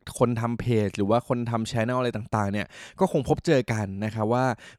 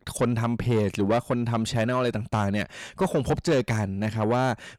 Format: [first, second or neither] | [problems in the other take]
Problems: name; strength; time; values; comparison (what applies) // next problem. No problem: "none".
first | distortion; slight; 10 dB below the speech